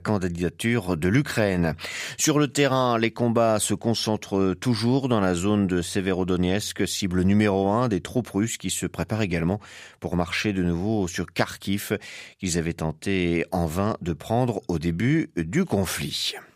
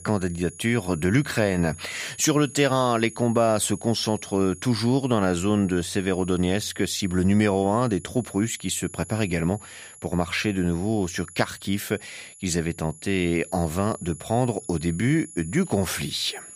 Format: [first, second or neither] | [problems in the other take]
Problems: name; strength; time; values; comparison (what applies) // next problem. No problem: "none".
first | high-pitched whine; noticeable; throughout; 10.5 kHz, 20 dB below the speech